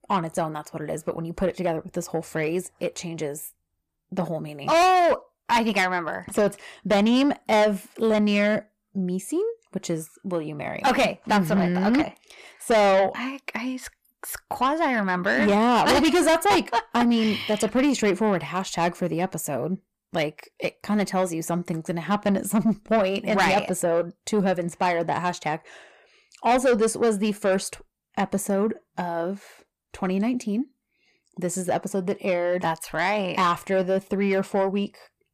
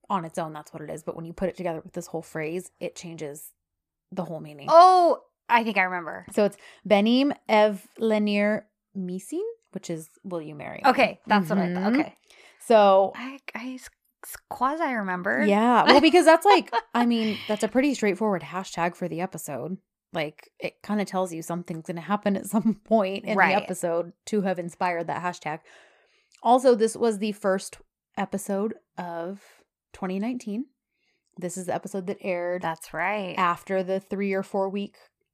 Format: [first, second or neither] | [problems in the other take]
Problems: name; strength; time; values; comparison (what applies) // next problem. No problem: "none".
second | distortion; heavy; 7 dB below the speech